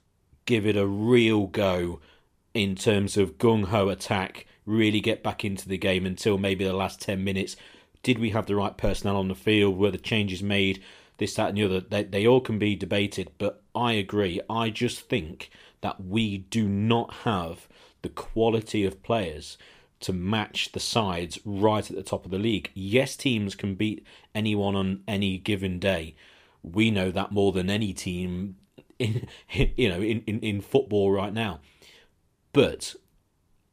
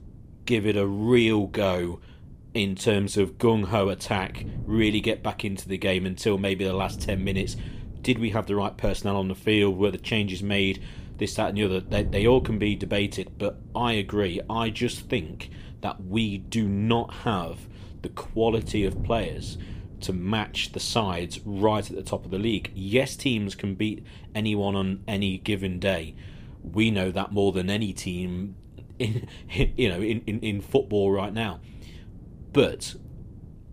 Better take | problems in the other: first | wind noise on the microphone; occasional gusts; 25 dB below the speech

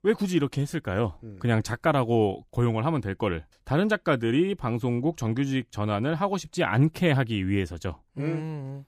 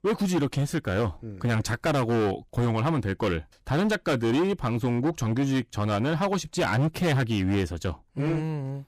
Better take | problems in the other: first | distortion; heavy; 17% of the sound clipped

